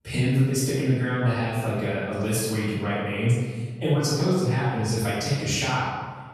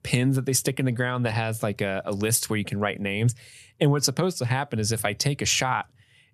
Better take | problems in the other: second | room echo; strong; dies away in 1.4 s // off-mic speech; far

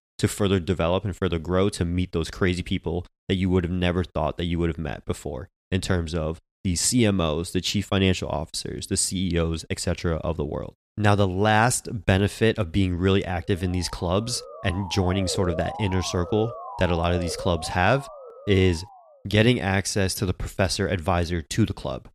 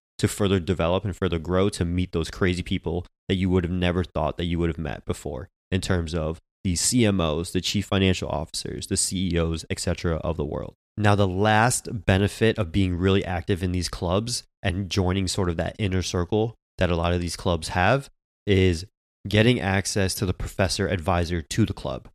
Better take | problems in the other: second | siren; noticeable; from 14 to 19 s; peak 8 dB below the speech

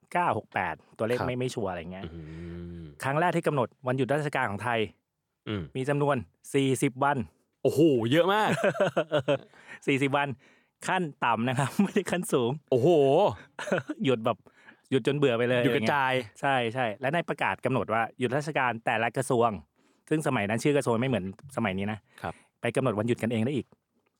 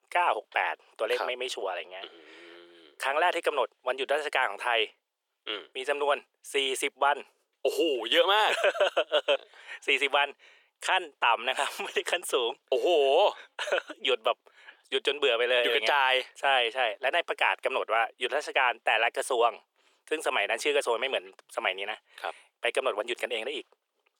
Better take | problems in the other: first | thin; very; fading below 400 Hz

